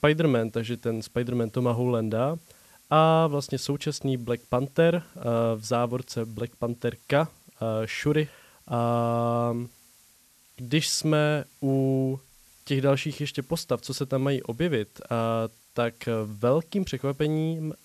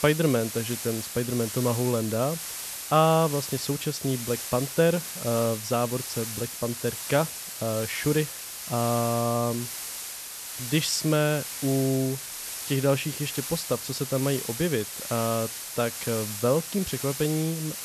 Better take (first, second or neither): first